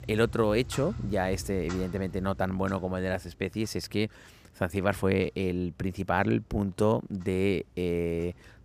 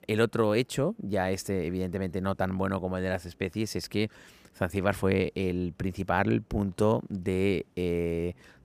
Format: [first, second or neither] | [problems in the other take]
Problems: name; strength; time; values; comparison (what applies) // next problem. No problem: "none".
second | household noises; noticeable; throughout; 15 dB below the speech